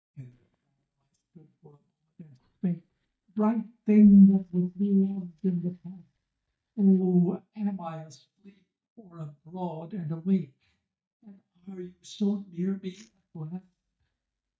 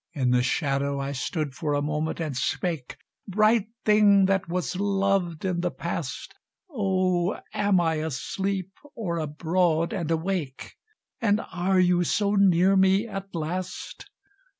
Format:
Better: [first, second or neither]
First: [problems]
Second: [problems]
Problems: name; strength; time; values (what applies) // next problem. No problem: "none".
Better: second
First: noise reduction (neural mask model DeepFilterNet 3)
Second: none